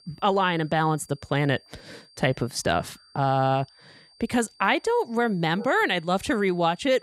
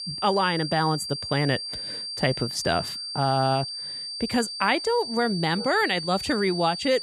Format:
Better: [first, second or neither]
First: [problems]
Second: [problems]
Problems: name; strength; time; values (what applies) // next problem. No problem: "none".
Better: first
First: high-pitched whine; faint; throughout; 4.5 kHz, 30 dB below the speech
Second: high-pitched whine; loud; throughout; 4.5 kHz, 6 dB below the speech